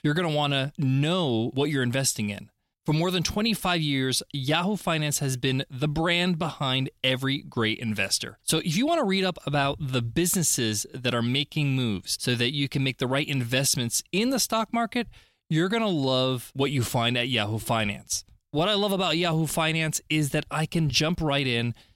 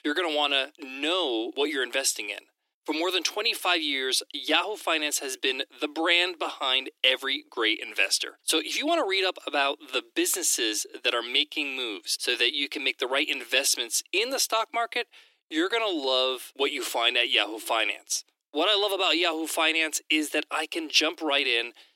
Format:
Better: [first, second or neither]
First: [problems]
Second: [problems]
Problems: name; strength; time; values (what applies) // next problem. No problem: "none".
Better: first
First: none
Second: thin; very; fading below 300 Hz